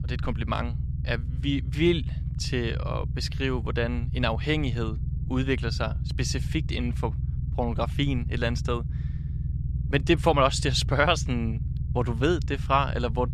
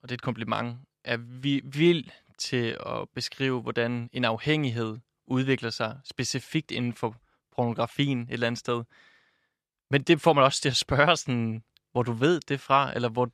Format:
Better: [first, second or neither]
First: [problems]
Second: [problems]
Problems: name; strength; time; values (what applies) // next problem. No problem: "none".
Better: second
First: low rumble; noticeable; throughout; 15 dB below the speech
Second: none